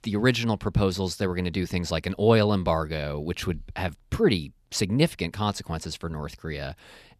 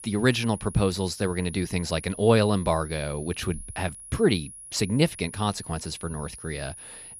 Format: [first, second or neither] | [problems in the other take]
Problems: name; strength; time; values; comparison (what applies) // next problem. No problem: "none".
first | high-pitched whine; noticeable; throughout; 10.5 kHz, 15 dB below the speech